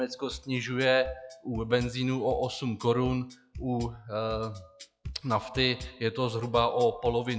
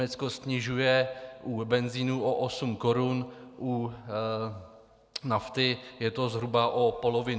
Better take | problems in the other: second | noise reduction (classical method log-MMSE)

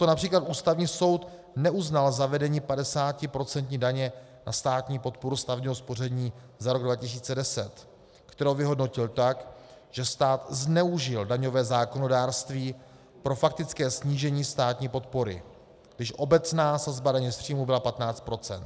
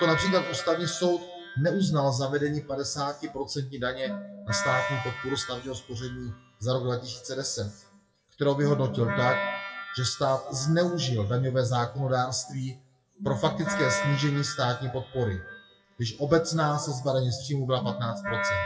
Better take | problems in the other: first | noise reduction (classical method WPE with log-MMSE)

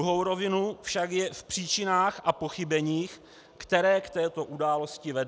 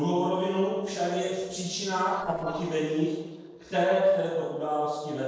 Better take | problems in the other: first | noise reduction (neural separator model SepFormer DNS4)

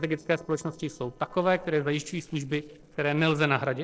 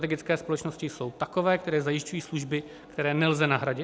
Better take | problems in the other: second | noise reduction (neural separator model SepFormer DNS4)

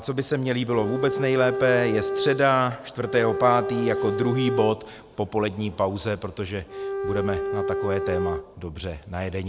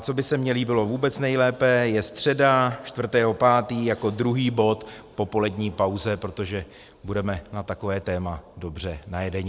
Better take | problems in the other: second | background sound (Bowed string instrument); 3 dB below the speech

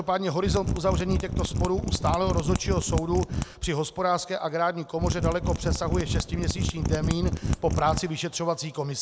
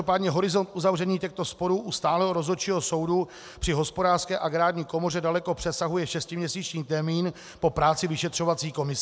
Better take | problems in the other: second | background sound (Mechanisms); as loud as the speech

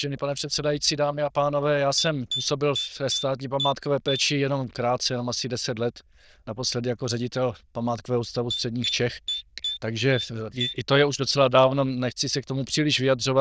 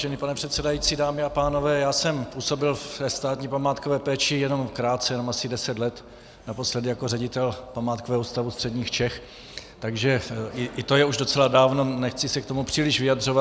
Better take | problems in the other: second | noise reduction (neural diffusion model UNIVERSE++)

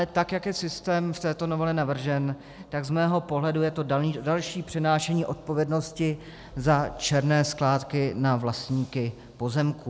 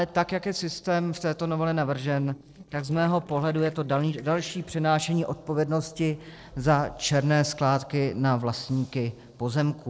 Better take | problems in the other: first | noise reduction (neural separator model SepFormer DNS4)

